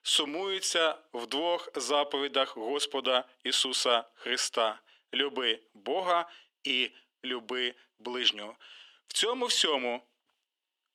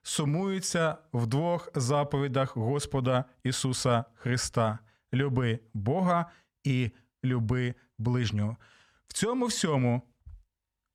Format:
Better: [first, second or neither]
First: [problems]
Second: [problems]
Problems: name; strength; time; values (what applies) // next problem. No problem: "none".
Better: second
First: thin; very; fading below 300 Hz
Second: none